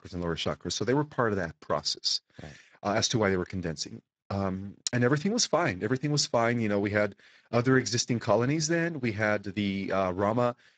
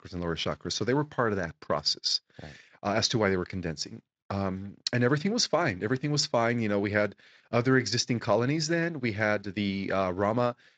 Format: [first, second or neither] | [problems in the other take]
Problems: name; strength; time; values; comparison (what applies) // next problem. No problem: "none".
second | garbled, watery; badly; slightly in the second